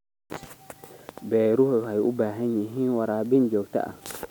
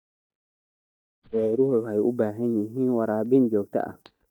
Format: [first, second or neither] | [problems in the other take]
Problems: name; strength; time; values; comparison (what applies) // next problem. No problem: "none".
first | noise reduction (neural mask model DeepFilterNet 3)